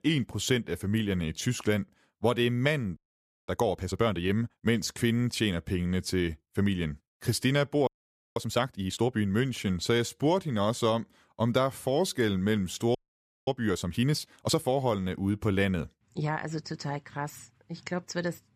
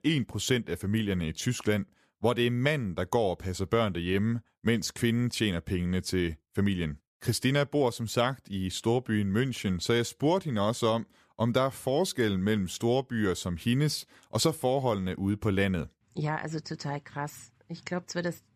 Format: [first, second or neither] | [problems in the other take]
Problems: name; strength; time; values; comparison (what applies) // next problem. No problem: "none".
second | audio freezing; at 3 s for 0.5 s, at 8 s and at 13 s for 0.5 s